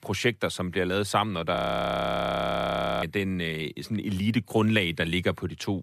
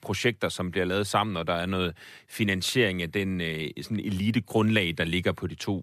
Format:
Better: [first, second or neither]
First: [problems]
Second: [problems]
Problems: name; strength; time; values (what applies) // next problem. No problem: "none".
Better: second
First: audio freezing; at 1.5 s for 1.5 s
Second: none